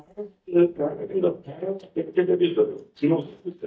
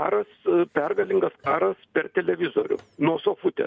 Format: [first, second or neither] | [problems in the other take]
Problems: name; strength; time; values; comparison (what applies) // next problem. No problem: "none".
second | noise reduction (neural mask model DeepFilterNet 3)